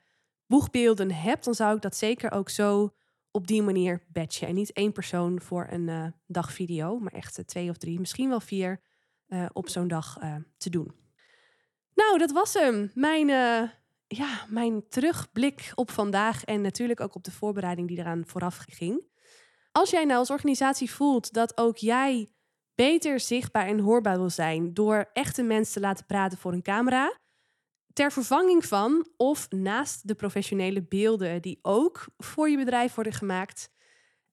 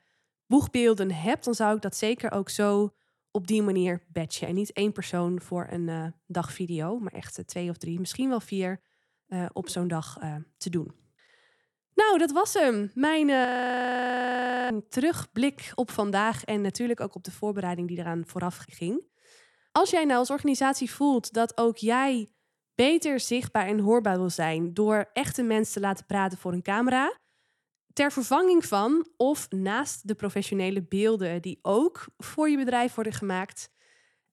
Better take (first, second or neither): first